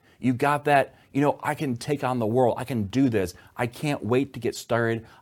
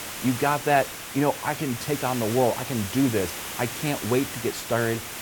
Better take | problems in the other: first | hiss; loud; throughout; 7 dB below the speech

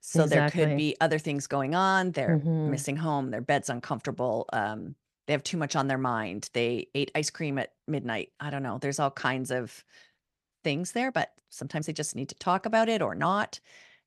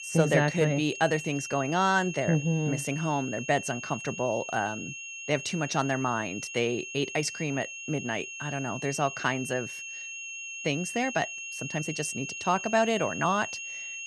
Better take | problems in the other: first | high-pitched whine; loud; throughout; 2.5 kHz, 8 dB below the speech

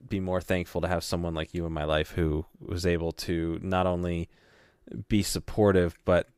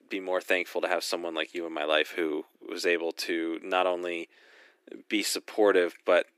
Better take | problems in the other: first | thin; somewhat; fading below 300 Hz

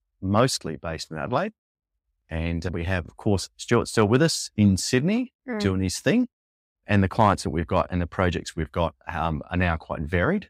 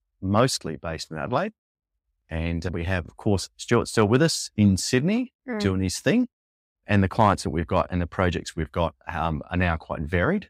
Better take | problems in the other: neither | none

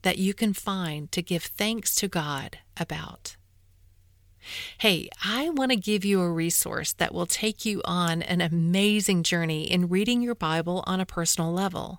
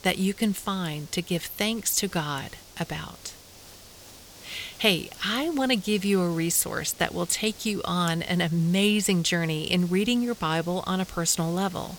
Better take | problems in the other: first | hiss; faint; throughout; 20 dB below the speech

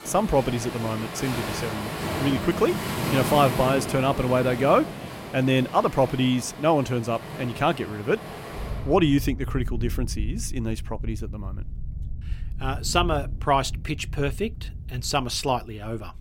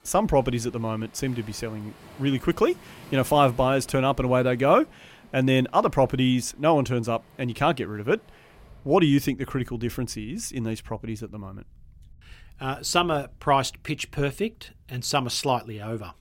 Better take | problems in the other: second | rain or running water; loud; throughout; 8 dB below the speech; faint in the second

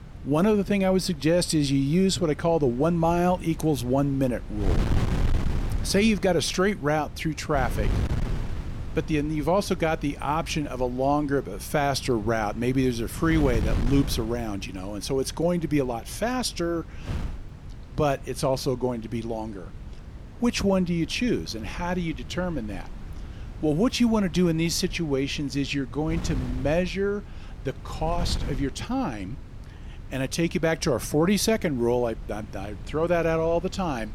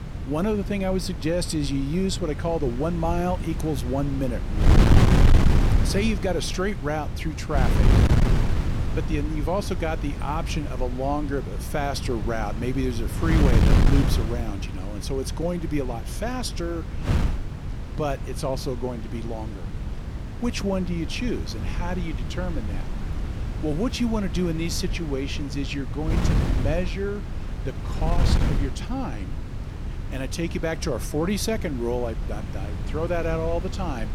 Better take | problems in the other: first | wind noise on the microphone; heavy; 5 dB below the speech; occasional gusts in the first

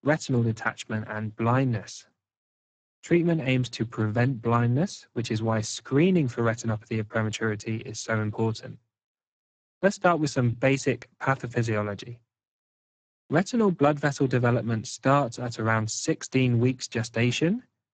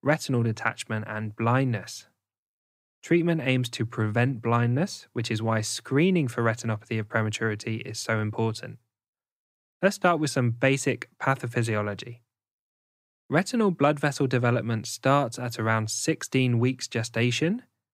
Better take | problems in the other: second | garbled, watery; badly; nothing above 7.5 kHz

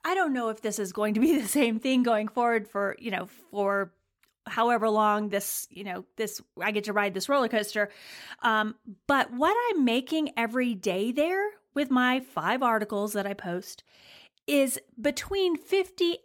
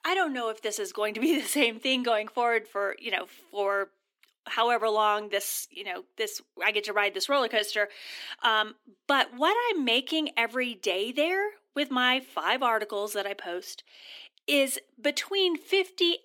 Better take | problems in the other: first | thin; very slightly; fading below 300 Hz

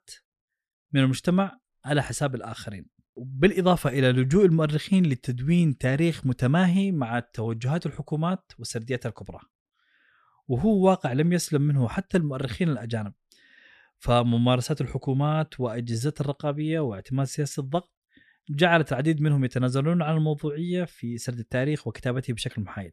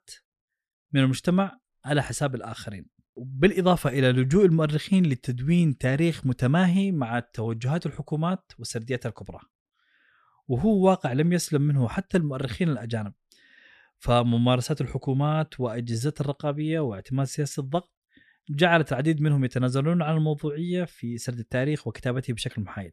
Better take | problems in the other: neither | none

